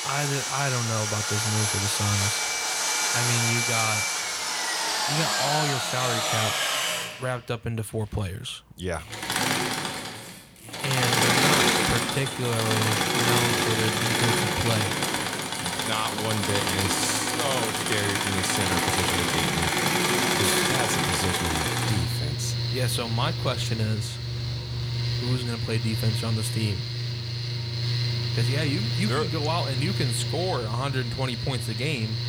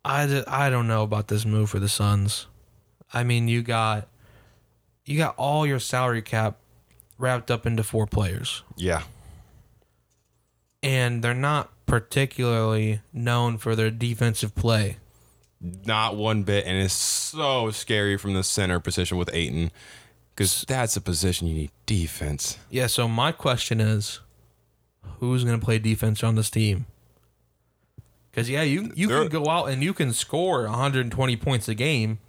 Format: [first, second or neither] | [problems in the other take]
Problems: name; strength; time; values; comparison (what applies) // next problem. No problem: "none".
second | machinery noise; very loud; throughout; 4 dB above the speech